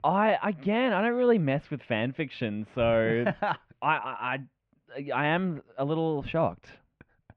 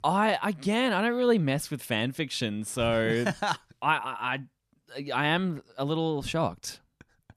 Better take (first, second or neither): second